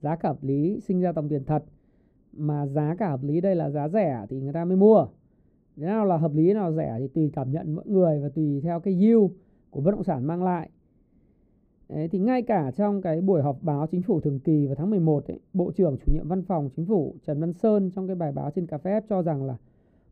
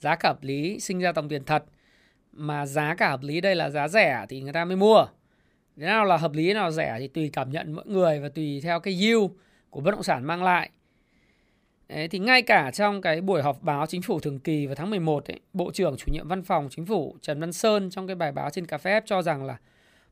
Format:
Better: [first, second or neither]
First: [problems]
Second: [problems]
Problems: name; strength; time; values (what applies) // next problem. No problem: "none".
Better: second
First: muffled; very; fading above 1 kHz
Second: none